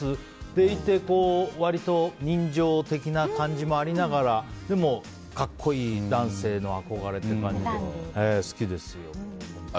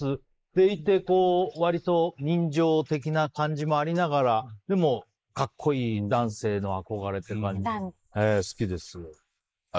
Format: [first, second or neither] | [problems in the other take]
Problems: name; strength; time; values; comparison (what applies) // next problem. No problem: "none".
first | noise reduction (neural mask model Resemble Enhance denoiser)